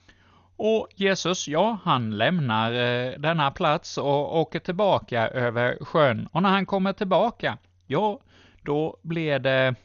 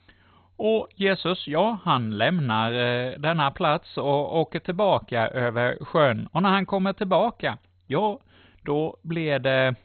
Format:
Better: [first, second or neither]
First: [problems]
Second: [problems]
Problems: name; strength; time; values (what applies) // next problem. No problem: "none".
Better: first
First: garbled, watery; slightly; nothing above 6.5 kHz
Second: garbled, watery; badly; nothing above 4 kHz